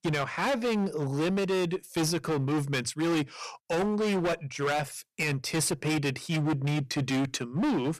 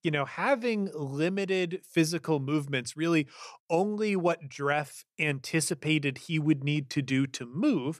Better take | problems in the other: second | distortion; heavy; 23% of the sound clipped

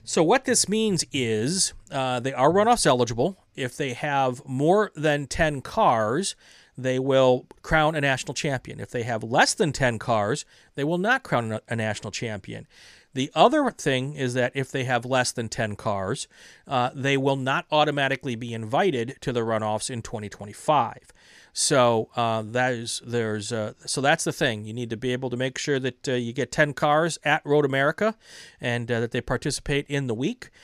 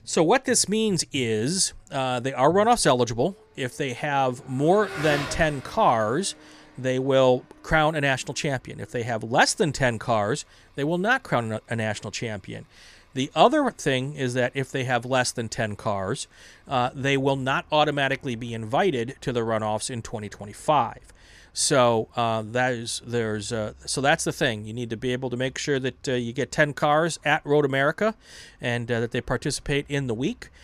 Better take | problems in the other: first | traffic noise; noticeable; throughout; 20 dB below the speech

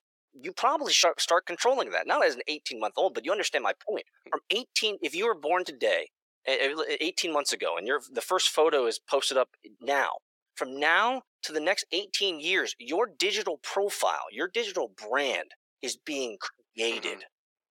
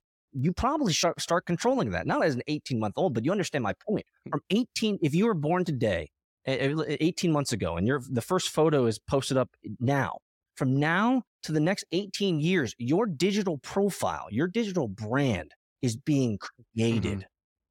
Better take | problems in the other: second | thin; very; fading below 450 Hz

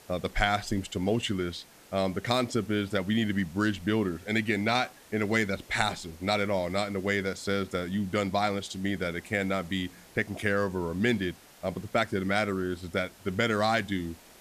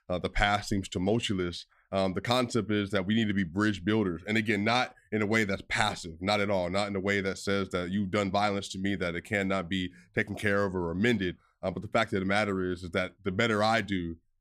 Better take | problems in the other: second | hiss; faint; throughout; 25 dB below the speech

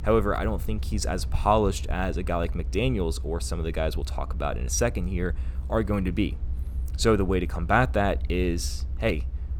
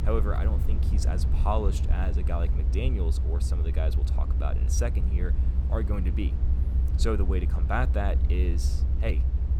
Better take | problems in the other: first | low rumble; loud; throughout; 8 dB below the speech; faint in the first

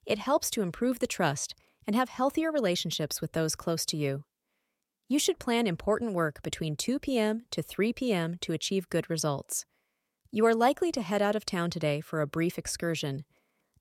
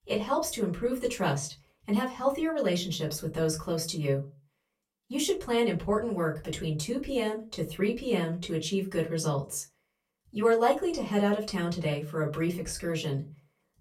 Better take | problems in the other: first | off-mic speech; far // room echo; very slight; dies away in 0.2 s

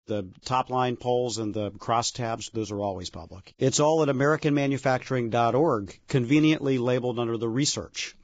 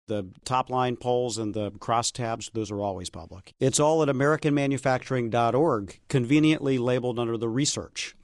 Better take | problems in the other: second | garbled, watery; badly; nothing above 7.5 kHz; slightly in the second

